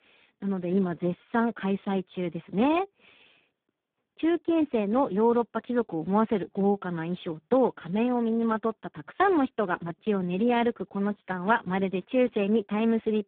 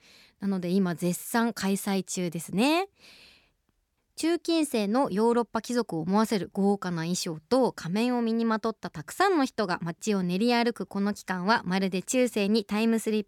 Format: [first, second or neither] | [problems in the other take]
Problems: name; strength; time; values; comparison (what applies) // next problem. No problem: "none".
second | phone-call audio; poor line